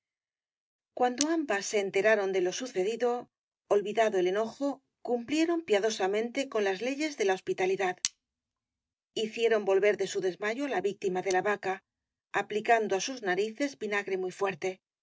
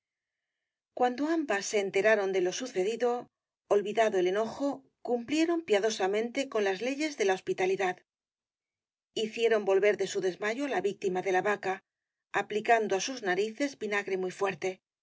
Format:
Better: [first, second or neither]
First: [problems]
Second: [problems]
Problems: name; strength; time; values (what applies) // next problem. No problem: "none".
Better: second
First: noise reduction (neural mask model RNNoise)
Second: none